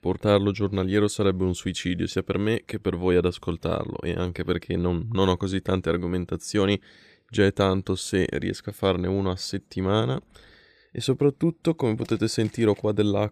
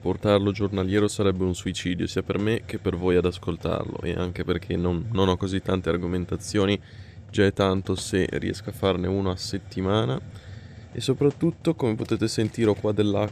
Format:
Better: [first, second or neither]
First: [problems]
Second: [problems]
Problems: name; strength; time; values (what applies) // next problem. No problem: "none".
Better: first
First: none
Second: hiss; noticeable; throughout; 20 dB below the speech